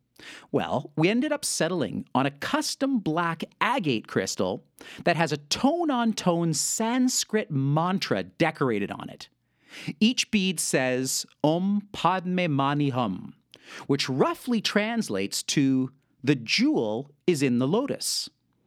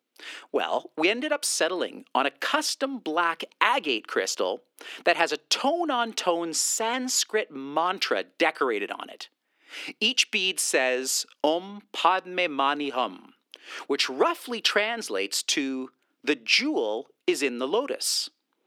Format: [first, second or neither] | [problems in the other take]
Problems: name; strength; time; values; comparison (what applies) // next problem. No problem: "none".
first | thin; somewhat; fading below 350 Hz